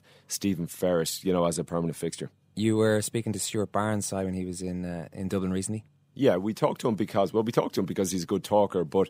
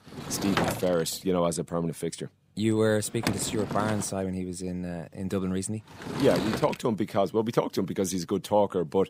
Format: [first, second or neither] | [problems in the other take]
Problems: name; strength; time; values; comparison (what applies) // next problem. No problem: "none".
first | door banging; loud; until 6.5 s; peak level with the speech